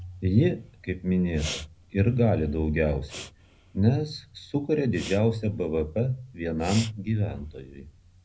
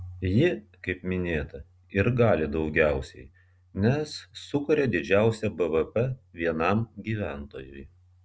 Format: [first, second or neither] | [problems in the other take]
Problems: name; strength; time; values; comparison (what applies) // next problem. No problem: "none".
second | background sound (Respiratory sounds); 18 dB below the speech // room echo; dies away in 0.4 s